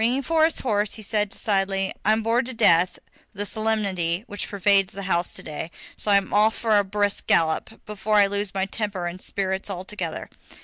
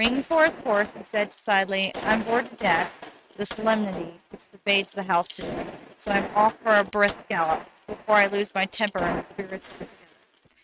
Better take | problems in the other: first | noise reduction (neural mask model RNNoise)

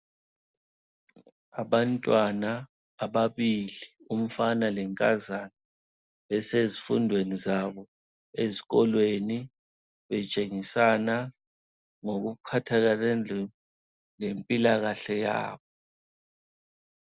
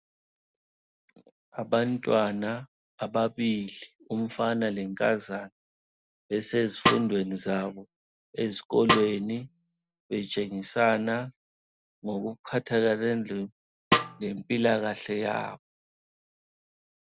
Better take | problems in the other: first | background sound (Snare drum); 1 dB below the speech

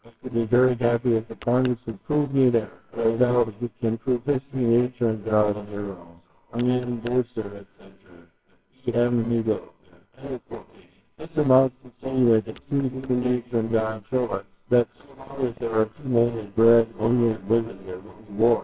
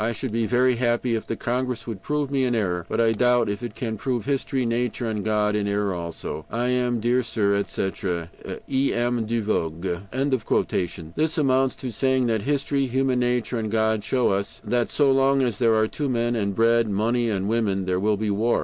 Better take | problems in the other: second | noise reduction (neural separator model SepFormer WHAMR!)

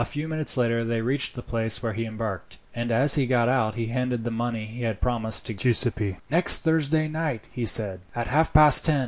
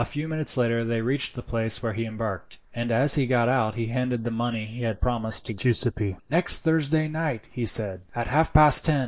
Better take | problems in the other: first | noise reduction (neural mask model Resemble Enhance denoiser)

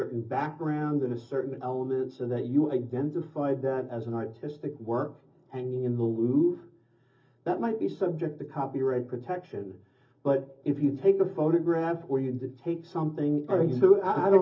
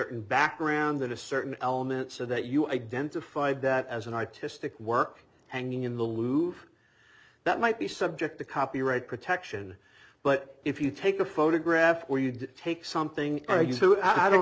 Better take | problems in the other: second | room echo; dies away in 0.4 s

